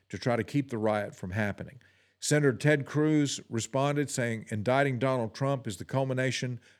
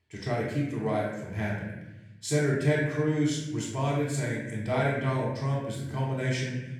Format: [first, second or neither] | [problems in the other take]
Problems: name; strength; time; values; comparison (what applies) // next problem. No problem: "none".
first | off-mic speech; far // room echo; noticeable; dies away in 0.9 s